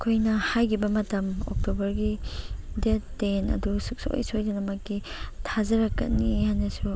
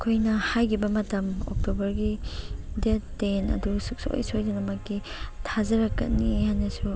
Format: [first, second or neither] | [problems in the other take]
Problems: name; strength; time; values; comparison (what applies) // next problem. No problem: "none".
first | background sound (Piano); 17 dB below the speech